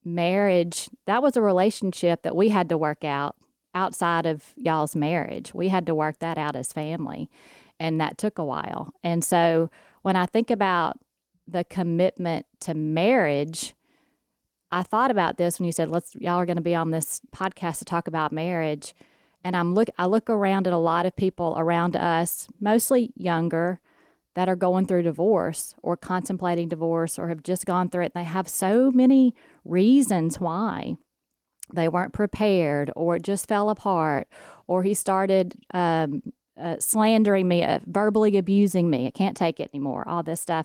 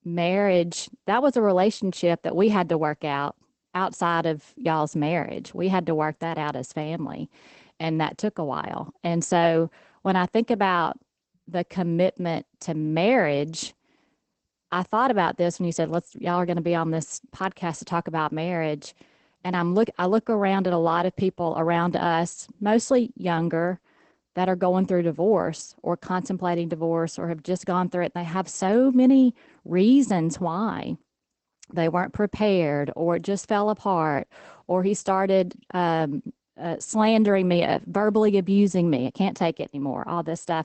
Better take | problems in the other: first | garbled, watery; badly; nothing above 8 kHz; slightly in the first

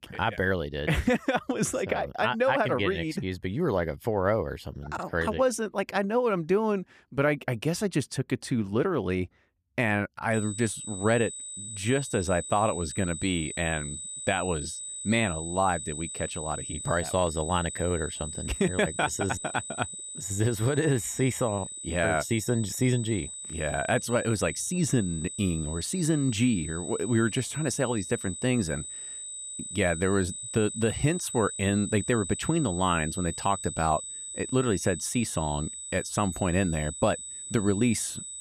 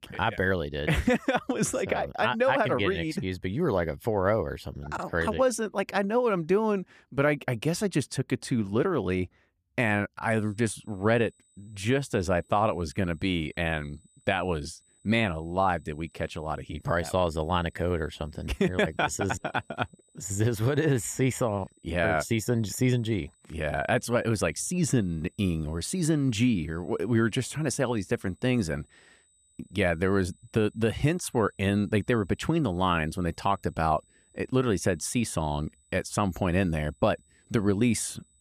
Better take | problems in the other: second | high-pitched whine; loud; from 10 s on; 8 kHz, 8 dB below the speech; faint in the second

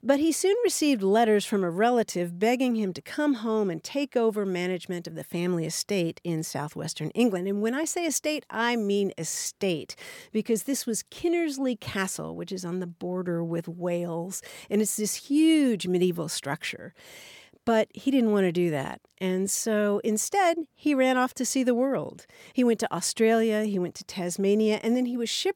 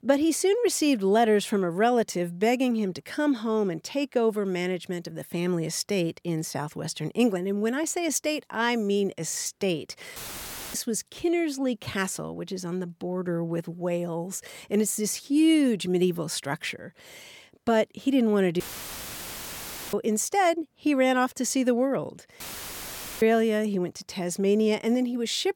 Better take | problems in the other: first | audio cutting out; filled with static; at 10 s for 0.5 s, at 19 s for 1.5 s and at 22 s for 1 s

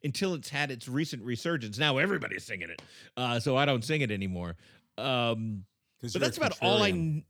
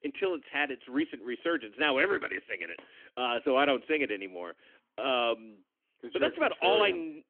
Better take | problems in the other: first | phone-call audio; nothing above 3.5 kHz

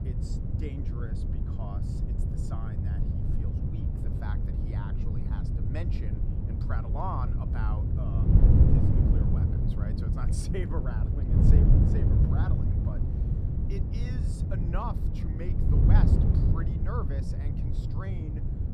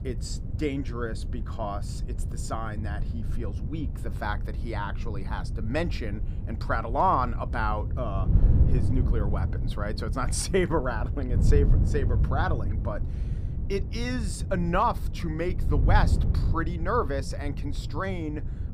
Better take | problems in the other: second | wind noise on the microphone; heavy; 2 dB above the speech; occasional gusts in the second

